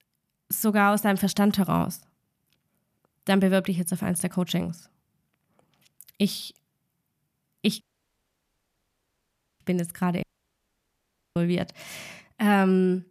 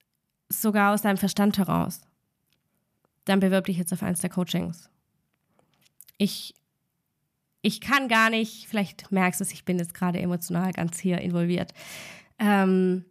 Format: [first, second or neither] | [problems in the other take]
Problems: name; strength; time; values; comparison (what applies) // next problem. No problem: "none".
second | audio cutting out; at 8 s for 2 s and at 10 s for 1 s